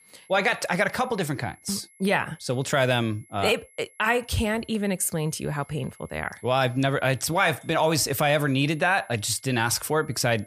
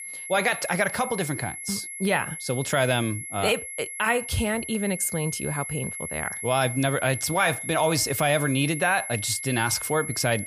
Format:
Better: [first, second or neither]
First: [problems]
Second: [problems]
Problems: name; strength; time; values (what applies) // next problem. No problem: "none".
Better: first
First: high-pitched whine; faint; throughout; 11 kHz, 25 dB below the speech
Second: high-pitched whine; loud; throughout; 11 kHz, 7 dB below the speech